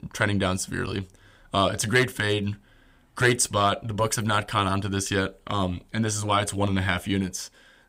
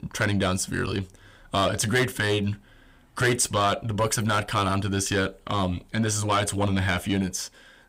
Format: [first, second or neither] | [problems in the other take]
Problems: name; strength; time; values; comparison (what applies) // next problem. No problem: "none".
first | distortion; slight; 10 dB below the speech